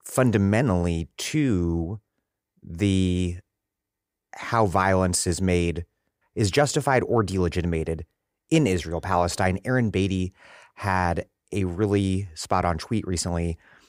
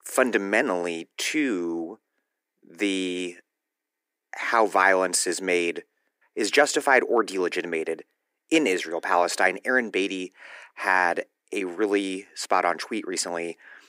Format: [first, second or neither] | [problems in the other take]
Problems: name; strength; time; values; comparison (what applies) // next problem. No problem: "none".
first | thin; somewhat; fading below 300 Hz